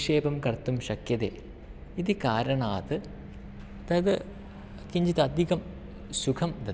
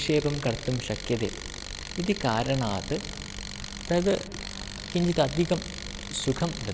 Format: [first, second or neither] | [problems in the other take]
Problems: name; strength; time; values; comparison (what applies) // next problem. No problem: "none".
first | background sound (Tools); 10 dB below the speech